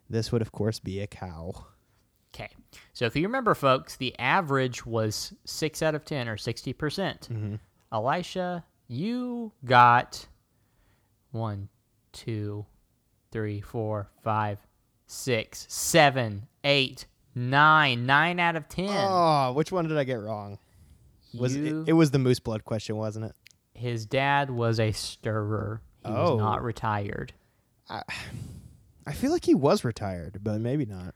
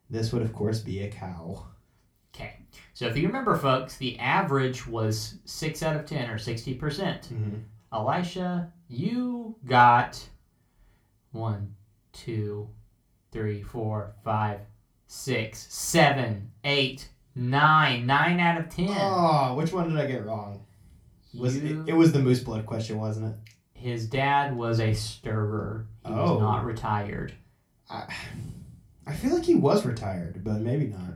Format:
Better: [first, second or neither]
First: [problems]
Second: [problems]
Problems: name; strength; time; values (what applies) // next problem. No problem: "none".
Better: first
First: none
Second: off-mic speech; somewhat distant // room echo; very slight; dies away in 0.2 s